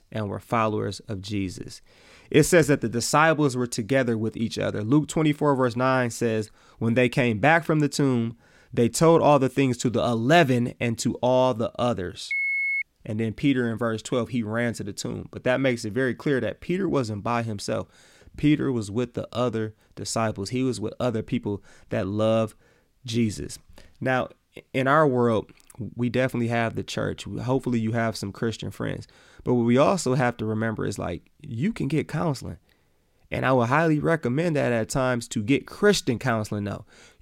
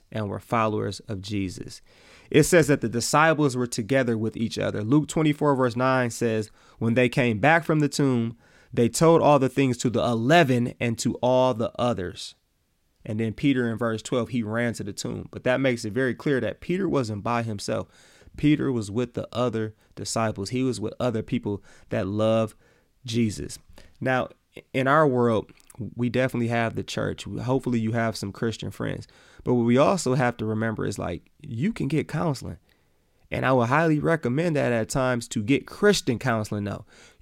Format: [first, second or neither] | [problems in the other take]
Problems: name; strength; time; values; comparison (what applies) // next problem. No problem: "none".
second | phone ringing; loud; at 12 s; peak 2 dB above the speech